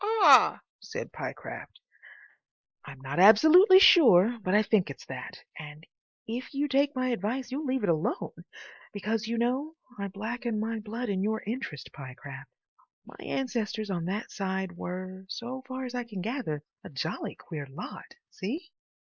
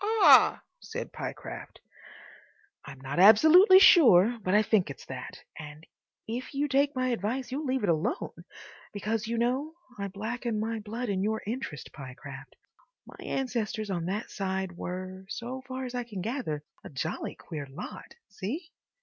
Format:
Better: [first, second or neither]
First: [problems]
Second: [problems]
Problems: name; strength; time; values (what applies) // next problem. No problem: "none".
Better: second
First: noise reduction (neural mask model Resemble Enhance denoiser)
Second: none